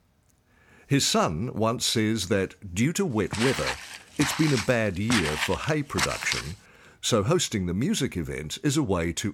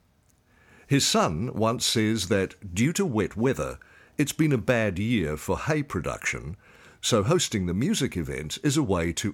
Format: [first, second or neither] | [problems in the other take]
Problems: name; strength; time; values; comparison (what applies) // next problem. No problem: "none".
second | footsteps; loud; from 3.5 to 6.5 s; peak level with the speech